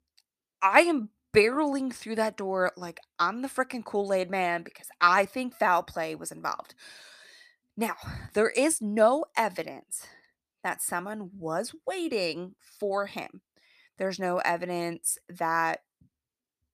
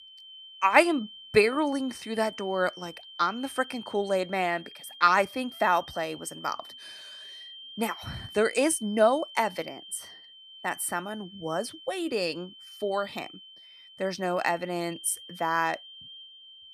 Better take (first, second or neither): first